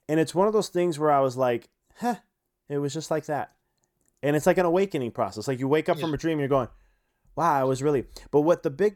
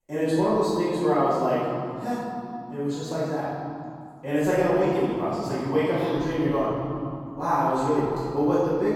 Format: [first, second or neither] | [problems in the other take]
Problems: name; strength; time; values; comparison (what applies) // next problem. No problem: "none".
first | room echo; strong; dies away in 2.6 s // off-mic speech; far